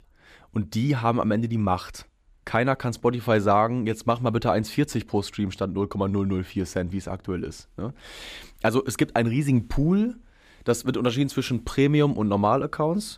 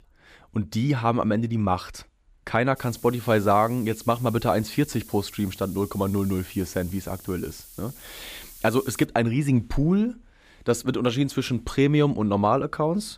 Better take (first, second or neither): first